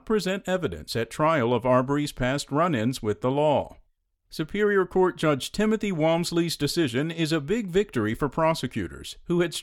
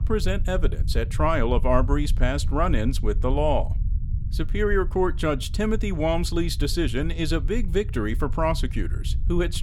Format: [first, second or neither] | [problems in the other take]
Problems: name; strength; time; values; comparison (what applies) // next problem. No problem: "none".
first | low rumble; noticeable; throughout; 20 dB below the speech